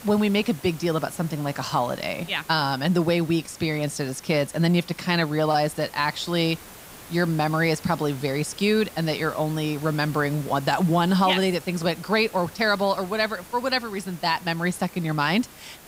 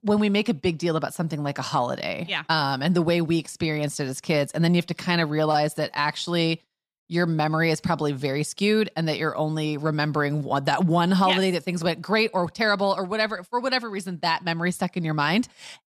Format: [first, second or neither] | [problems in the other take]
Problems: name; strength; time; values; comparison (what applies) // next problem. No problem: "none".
second | hiss; noticeable; throughout; 20 dB below the speech